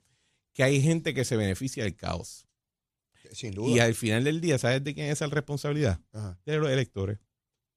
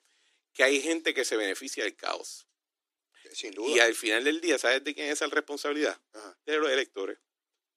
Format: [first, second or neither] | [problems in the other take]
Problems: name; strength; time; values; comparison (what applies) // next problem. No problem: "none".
first | thin; very; fading below 300 Hz